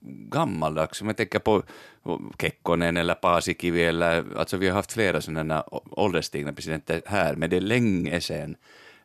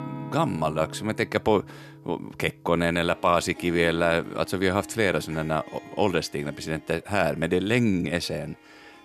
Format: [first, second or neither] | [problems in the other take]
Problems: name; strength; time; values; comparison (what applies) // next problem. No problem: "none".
first | background music; noticeable; throughout; 20 dB below the speech